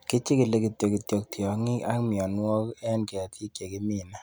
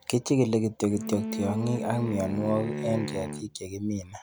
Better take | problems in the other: first | background sound (Wind instrument, woodwind instrument); 7 dB below the speech

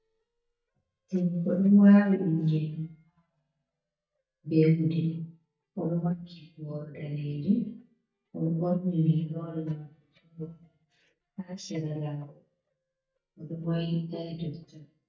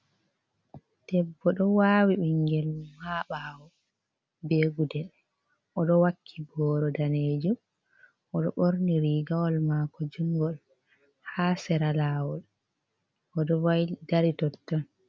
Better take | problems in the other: second | noise reduction (neural mask model DeepFilterNet 3)

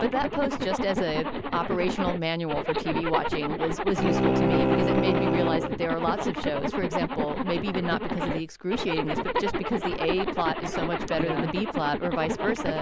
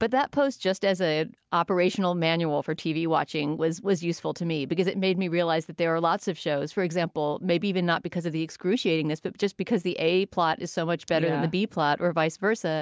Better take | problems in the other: second | background sound (Zipper (clothing) + Bowed string instrument); 1 dB above the speech

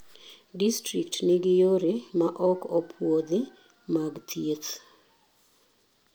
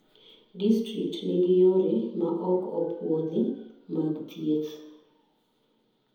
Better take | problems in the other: first | room echo; dies away in 1 s

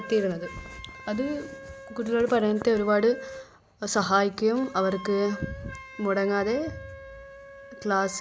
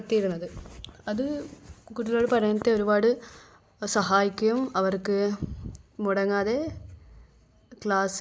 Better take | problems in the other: second | background sound (Wind instrument, woodwind instrument); 16 dB below the speech

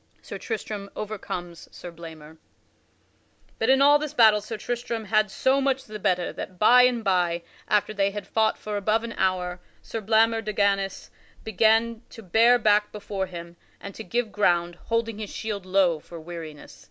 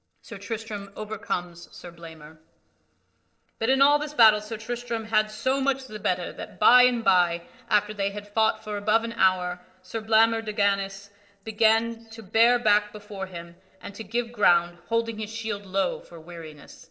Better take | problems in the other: first | noise reduction (neural separator model SepFormer DNS4)

